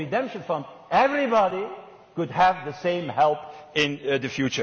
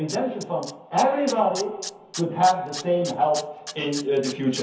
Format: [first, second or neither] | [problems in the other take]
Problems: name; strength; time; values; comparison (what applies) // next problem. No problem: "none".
first | background sound (Tools); 14 dB below the speech // room echo; dies away in 0.5 s